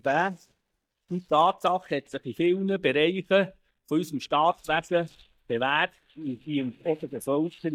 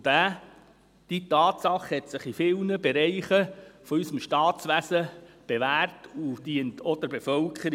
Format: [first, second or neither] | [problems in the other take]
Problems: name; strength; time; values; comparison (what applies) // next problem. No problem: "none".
second | noise reduction (neural mask model DeepFilterNet 3)